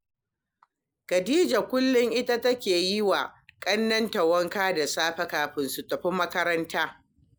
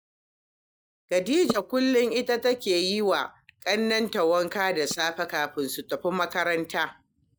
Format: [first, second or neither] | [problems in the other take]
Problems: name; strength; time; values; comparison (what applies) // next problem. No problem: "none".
first | noise reduction (neural mask model DeepFilterNet 3)